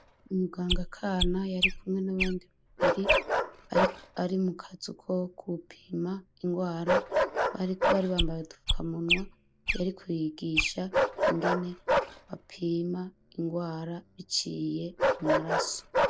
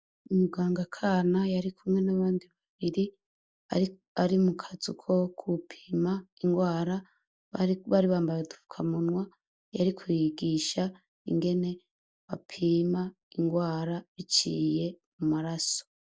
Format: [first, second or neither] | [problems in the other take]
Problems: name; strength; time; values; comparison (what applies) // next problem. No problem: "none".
second | background sound (Chirp, tweet + Bark); 2 dB above the speech